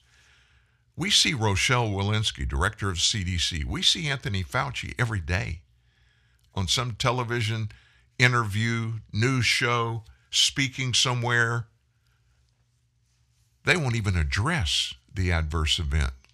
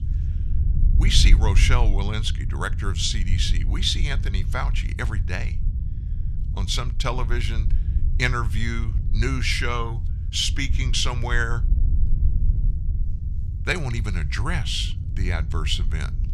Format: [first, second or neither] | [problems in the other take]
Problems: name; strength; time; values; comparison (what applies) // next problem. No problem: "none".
first | low rumble; noticeable; throughout; 15 dB below the speech